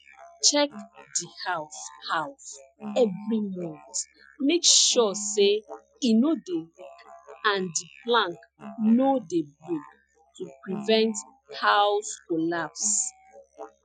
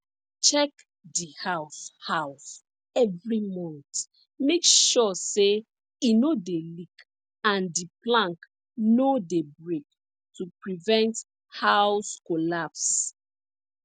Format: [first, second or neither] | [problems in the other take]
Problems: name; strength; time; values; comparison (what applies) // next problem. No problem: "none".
second | noise reduction (classical method Wiener filter)